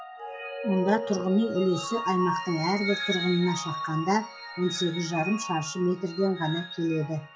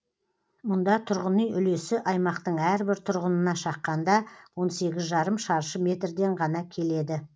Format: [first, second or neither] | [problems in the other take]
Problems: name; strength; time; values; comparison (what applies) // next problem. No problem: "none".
second | noise reduction (classical method log-MMSE)